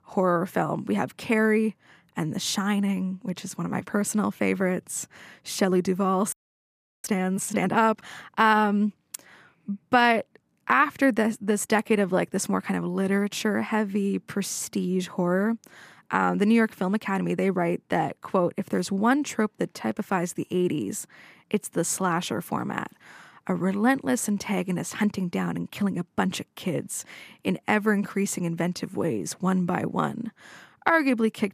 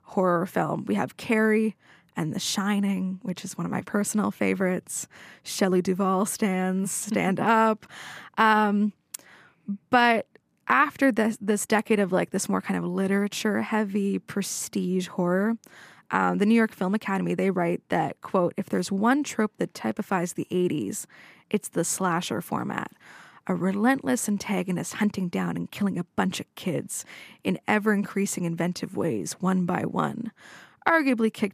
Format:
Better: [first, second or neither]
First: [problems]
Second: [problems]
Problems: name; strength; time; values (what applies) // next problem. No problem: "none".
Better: second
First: audio freezing; at 6.5 s for 0.5 s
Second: none